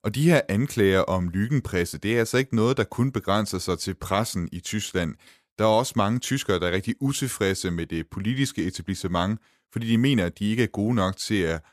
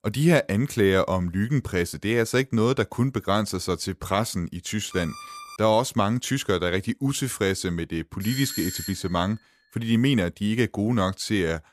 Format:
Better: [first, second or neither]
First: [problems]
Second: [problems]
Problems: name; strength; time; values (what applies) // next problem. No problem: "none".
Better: first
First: none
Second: alarm; faint; at 5 s; peak 15 dB below the speech // doorbell; noticeable; at 8 s; peak 6 dB below the speech